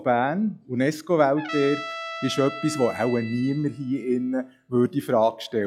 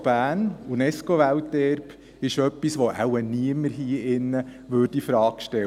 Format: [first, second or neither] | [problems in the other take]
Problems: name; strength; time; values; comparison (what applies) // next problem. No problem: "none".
second | noise reduction (classical method log-MMSE)